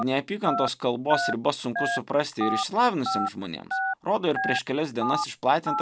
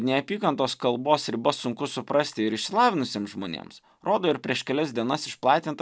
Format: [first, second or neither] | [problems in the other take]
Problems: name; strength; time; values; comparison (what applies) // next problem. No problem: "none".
second | background sound (Telephone); 4 dB below the speech